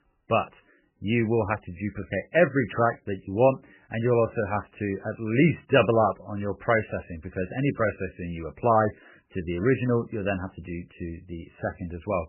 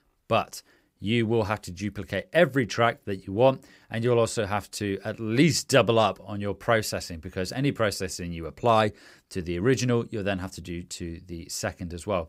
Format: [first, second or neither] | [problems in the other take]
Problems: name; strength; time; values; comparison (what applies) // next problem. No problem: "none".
second | garbled, watery; badly; nothing above 3 kHz